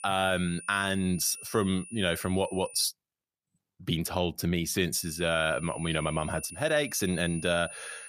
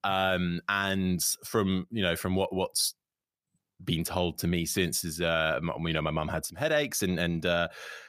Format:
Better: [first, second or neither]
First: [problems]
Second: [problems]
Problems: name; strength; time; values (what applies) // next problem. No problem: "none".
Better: second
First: high-pitched whine; noticeable; until 3 s and from 5 s on; 9.5 kHz, 15 dB below the speech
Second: none